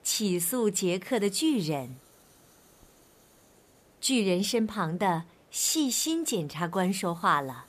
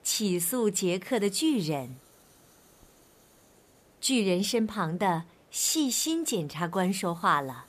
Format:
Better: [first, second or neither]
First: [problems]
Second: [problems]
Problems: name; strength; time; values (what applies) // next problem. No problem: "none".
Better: neither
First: hiss; faint; throughout; 30 dB below the speech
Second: hiss; faint; throughout; 30 dB below the speech